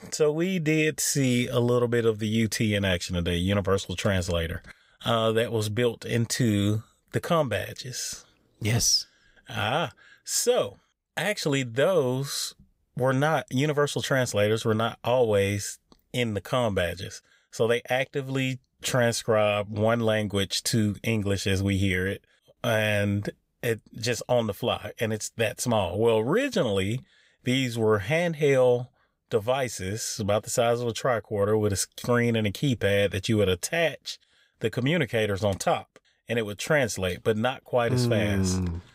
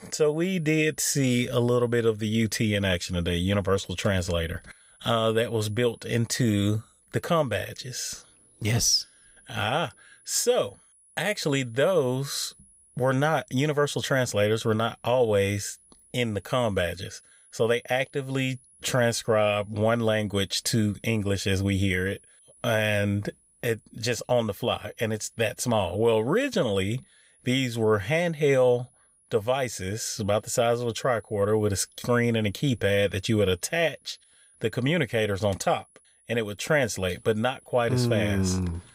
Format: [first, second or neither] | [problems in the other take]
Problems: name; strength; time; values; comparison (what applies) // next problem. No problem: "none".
first | high-pitched whine; faint; throughout; 10.5 kHz, 30 dB below the speech